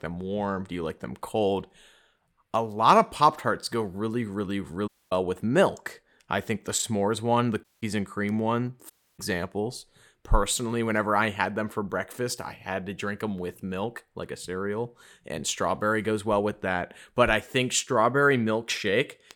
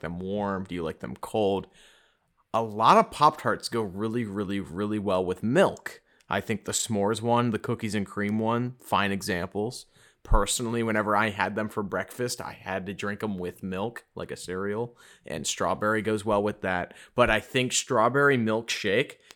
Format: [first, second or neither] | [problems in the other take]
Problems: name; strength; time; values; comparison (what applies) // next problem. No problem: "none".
second | audio cutting out; at 5 s, at 7.5 s and at 9 s